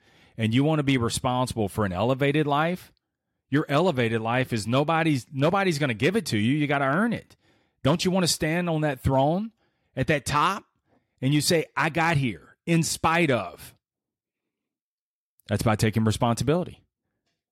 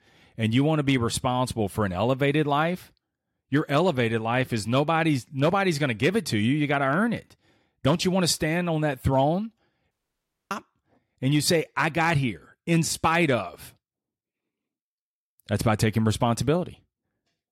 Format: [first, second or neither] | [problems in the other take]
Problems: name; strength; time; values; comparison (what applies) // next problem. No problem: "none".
first | audio cutting out; at 10 s for 0.5 s